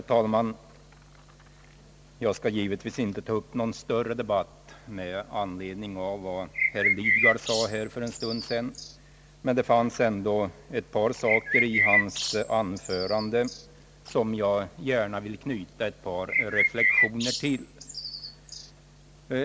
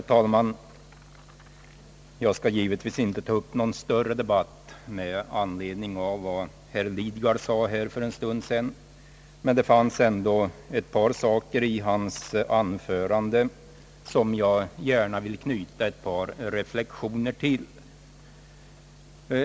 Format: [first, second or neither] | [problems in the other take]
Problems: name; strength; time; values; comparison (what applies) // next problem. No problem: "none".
second | background sound (Bird); 2 dB above the speech